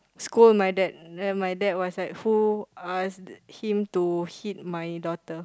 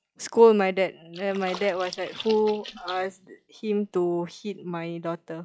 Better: first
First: none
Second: noise reduction (classical method log-MMSE)

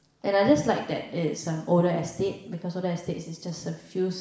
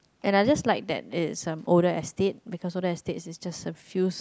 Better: second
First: room echo; dies away in 0.8 s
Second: none

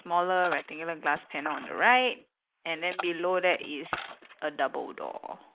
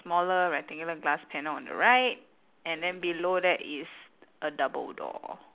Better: second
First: noise reduction (neural mask model Resemble Enhance denoiser)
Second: none

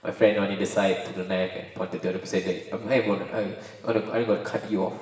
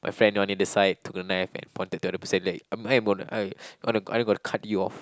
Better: second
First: room echo; dies away in 1.3 s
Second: none

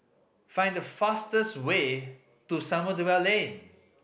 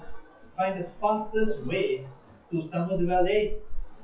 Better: first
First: none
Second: noise reduction (classical method WPE with log-MMSE)

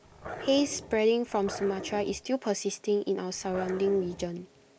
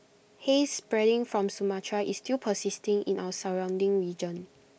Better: second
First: background sound (Growling); 13 dB below the speech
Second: none

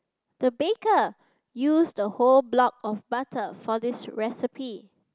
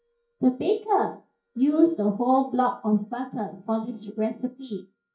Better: first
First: none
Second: noise reduction (neural mask model DeepFilterNet 3)

